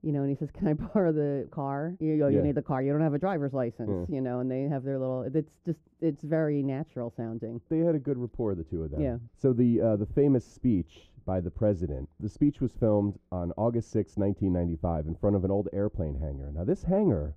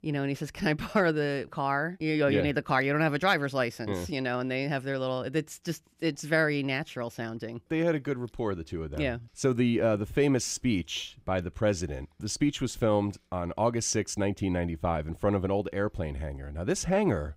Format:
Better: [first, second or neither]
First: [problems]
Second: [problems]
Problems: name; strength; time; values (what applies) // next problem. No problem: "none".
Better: second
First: muffled; very; fading above 1 kHz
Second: none